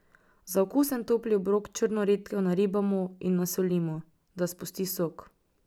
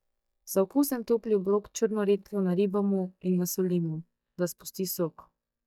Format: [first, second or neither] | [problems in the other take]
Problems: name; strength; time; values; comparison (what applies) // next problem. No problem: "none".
first | noise reduction (neural mask model DeepFilterNet 3)